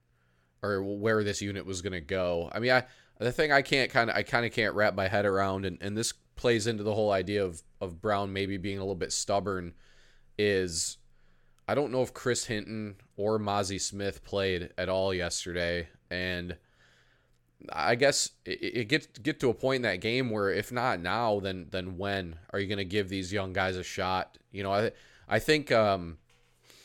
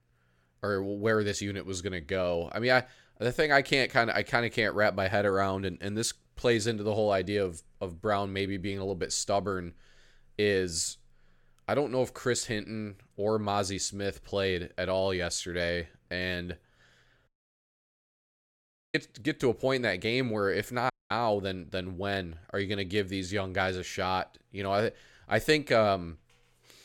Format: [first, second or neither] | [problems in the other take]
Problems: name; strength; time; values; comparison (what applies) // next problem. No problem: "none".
first | audio cutting out; at 17 s for 1.5 s and at 21 s